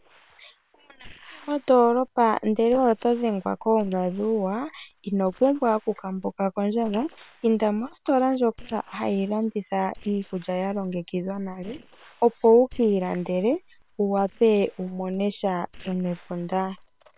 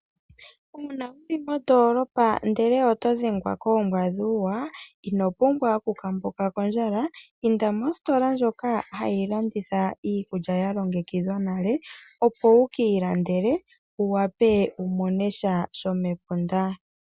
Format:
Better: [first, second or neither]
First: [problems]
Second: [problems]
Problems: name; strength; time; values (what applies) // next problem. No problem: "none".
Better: second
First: noise reduction (neural separator model SepFormer WHAM!)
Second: none